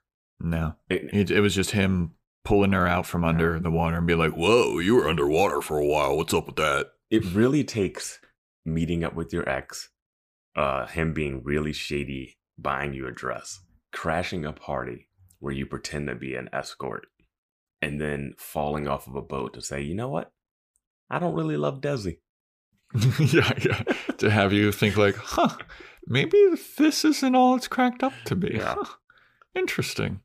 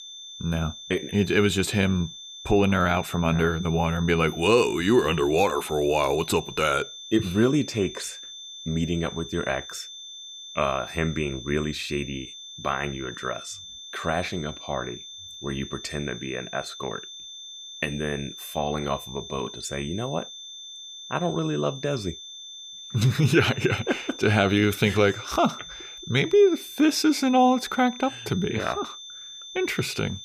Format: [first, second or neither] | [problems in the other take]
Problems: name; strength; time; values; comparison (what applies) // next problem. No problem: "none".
first | high-pitched whine; noticeable; throughout; 3.5 kHz, 15 dB below the speech